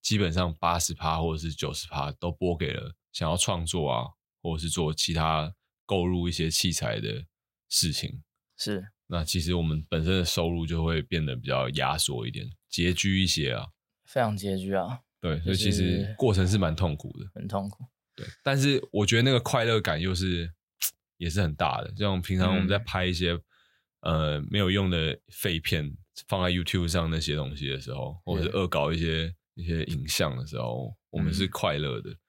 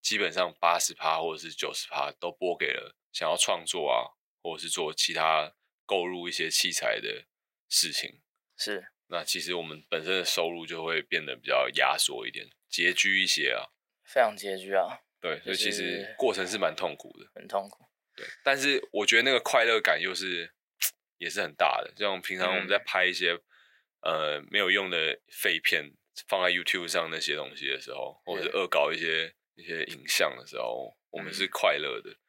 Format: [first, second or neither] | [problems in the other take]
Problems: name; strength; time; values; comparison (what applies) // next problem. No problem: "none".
first | thin; very; fading below 350 Hz